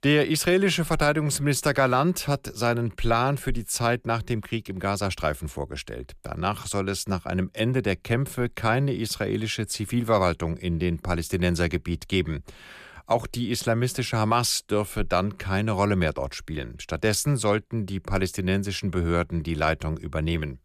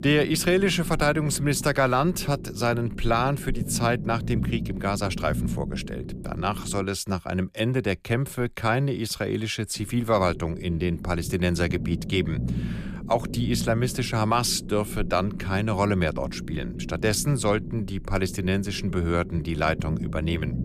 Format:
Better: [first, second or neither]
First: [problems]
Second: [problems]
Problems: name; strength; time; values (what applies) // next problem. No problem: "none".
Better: first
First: none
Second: low rumble; noticeable; until 7 s and from 10 s on; 15 dB below the speech